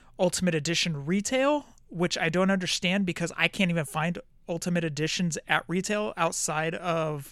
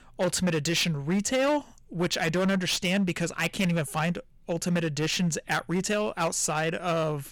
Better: first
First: none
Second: distortion; slight; 11% of the sound clipped

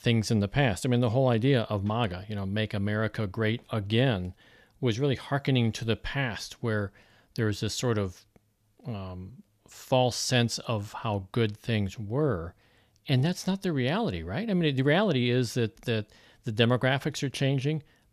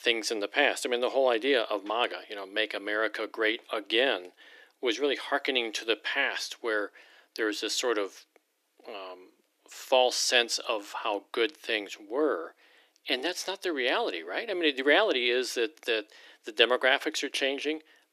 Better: first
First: none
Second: thin; very; fading below 300 Hz

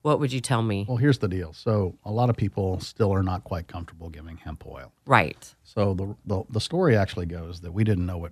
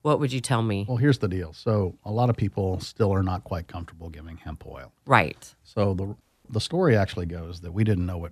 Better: first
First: none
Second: audio cutting out; at 6 s

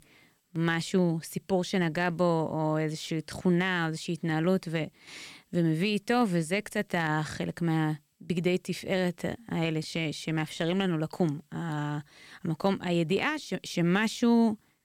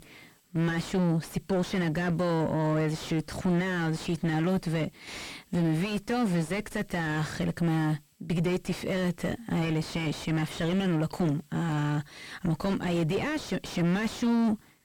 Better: first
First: none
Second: distortion; heavy; 3 dB below the speech

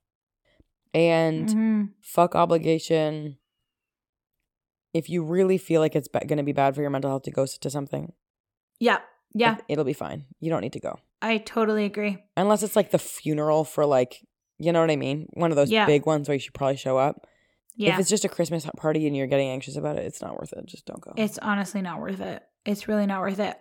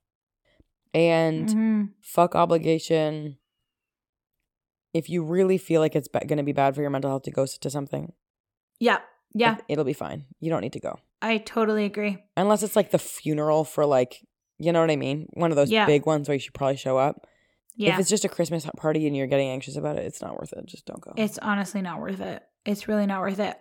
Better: neither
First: none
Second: none

